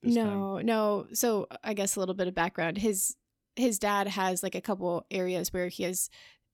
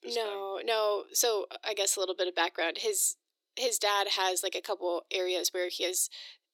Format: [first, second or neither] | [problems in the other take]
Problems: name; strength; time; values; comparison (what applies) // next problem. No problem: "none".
first | thin; very; fading below 350 Hz